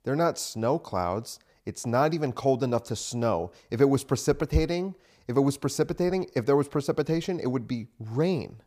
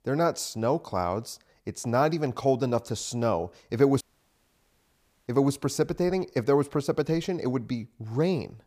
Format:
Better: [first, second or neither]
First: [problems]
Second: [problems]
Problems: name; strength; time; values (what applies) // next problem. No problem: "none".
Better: first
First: none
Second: audio cutting out; at 4 s for 1.5 s